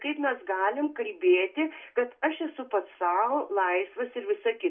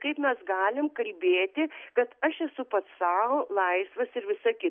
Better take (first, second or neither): second